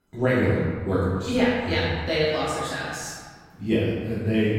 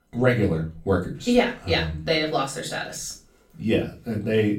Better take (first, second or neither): second